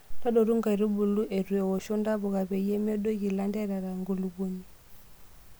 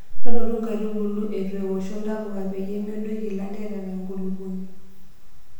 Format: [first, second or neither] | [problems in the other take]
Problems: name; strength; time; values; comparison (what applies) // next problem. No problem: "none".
first | room echo; dies away in 1 s